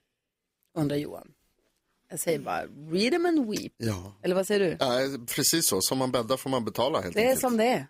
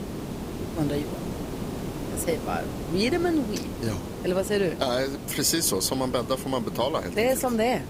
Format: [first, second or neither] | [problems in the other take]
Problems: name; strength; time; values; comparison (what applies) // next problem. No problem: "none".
first | hiss; loud; throughout; 8 dB below the speech